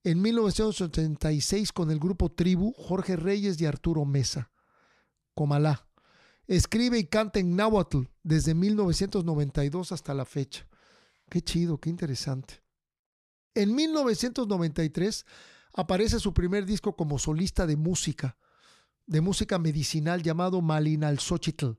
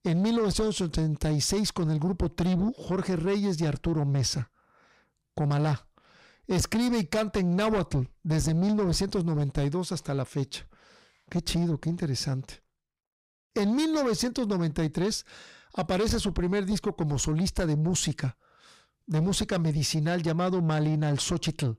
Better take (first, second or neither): first